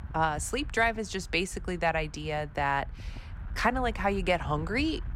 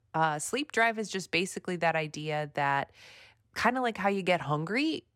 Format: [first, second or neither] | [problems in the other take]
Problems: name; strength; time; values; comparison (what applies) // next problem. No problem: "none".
second | wind noise on the microphone; occasional gusts; 25 dB below the speech